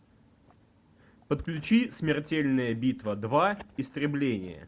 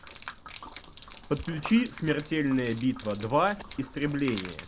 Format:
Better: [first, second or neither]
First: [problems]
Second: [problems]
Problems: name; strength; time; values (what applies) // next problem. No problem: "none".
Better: first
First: none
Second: background sound (Gurgling / Liquid); 15 dB below the speech